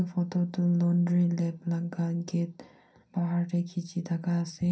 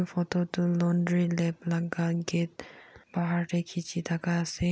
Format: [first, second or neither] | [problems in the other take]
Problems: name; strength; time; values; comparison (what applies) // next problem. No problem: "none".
second | room echo; dies away in 0.3 s